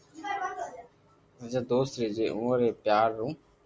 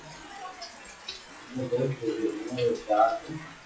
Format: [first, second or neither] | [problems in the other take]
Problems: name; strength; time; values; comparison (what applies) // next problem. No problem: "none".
first | noise reduction (classical method WPE with log-MMSE)